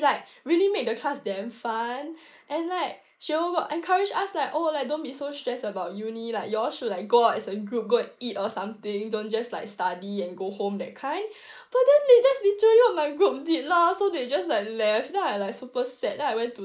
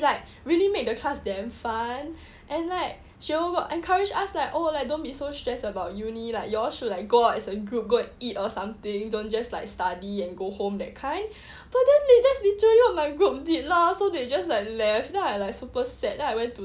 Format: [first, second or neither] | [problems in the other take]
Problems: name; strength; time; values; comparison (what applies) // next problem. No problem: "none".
second | noise reduction (neural mask model Resemble Enhance denoiser)